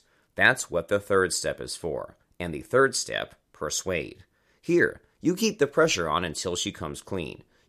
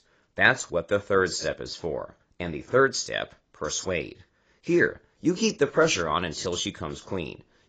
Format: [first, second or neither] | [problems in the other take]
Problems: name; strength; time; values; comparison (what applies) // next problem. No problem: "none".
first | garbled, watery; badly; nothing above 7.5 kHz